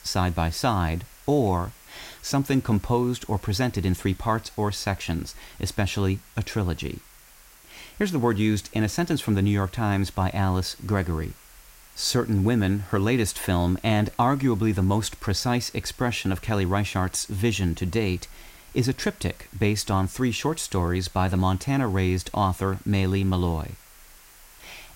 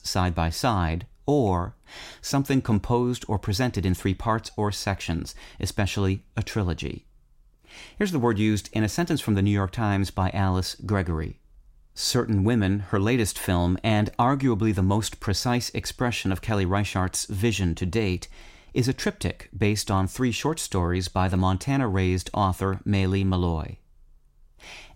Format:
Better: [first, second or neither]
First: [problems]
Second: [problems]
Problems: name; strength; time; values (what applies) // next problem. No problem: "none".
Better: second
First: hiss; faint; throughout; 25 dB below the speech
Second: none